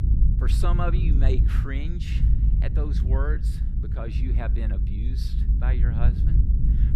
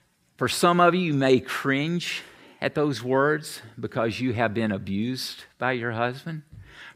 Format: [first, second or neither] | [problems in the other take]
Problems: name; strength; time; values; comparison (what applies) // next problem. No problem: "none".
second | low rumble; loud; throughout; 4 dB below the speech